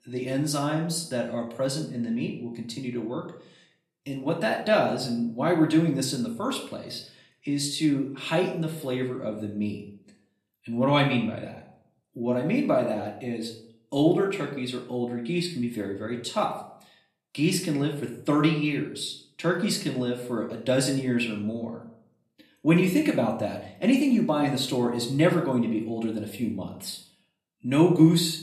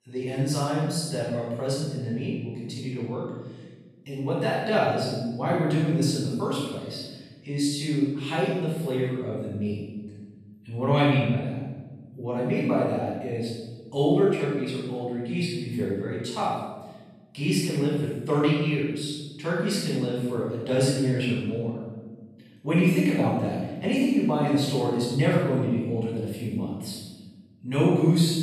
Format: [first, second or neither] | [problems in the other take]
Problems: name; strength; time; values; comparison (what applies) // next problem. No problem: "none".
first | room echo; strong; dies away in 1.4 s; slight in the first // off-mic speech; far; far in the first